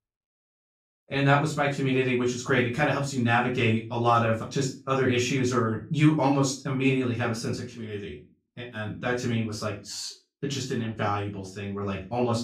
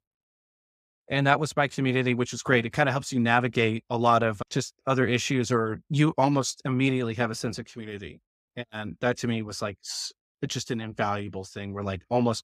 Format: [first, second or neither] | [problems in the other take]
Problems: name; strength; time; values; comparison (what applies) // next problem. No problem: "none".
second | room echo; slight; dies away in 0.3 s // off-mic speech; far